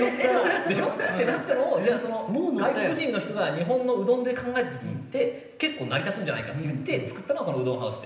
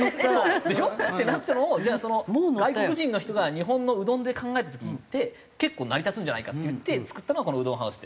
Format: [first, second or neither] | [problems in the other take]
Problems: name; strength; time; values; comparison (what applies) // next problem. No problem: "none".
second | room echo; dies away in 0.9 s